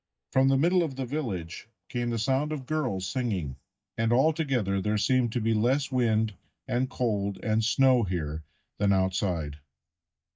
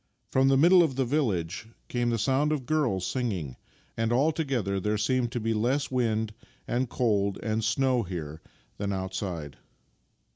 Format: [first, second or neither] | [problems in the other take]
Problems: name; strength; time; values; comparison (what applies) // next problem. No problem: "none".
second | noise reduction (neural mask model DeepFilterNet 3)